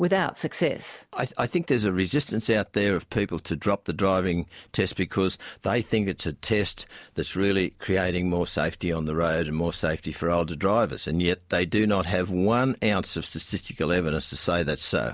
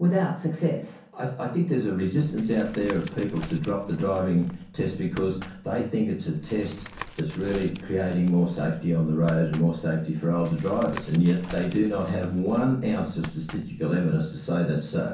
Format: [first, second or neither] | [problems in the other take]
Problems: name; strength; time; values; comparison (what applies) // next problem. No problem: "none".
first | background sound (Tap); 18 dB below the speech // room echo; dies away in 0.6 s